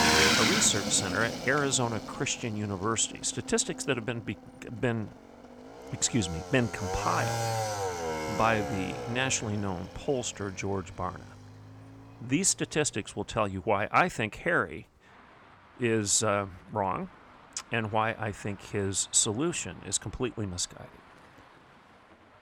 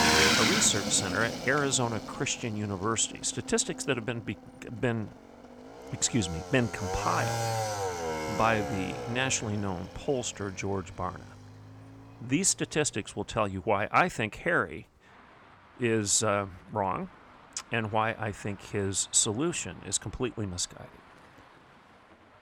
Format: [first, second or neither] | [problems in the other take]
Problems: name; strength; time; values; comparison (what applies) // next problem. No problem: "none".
neither | traffic noise; loud; throughout; 2 dB below the speech; the same in both